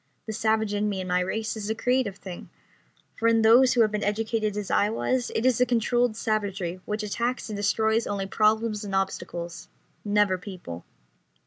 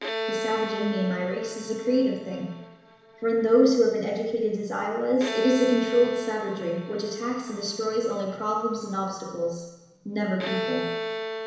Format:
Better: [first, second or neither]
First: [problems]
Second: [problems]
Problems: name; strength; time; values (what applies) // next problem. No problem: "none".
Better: first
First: none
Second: background sound (Bowed string instrument); 9 dB below the speech // room echo; dies away in 1 s